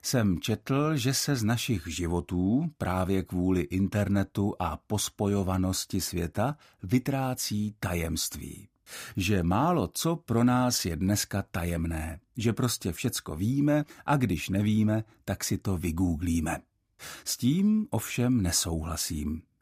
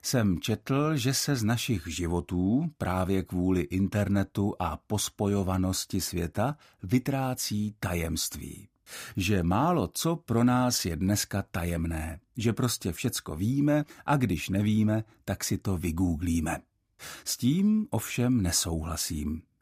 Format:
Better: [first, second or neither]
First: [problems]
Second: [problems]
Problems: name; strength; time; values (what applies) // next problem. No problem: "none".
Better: neither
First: none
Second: none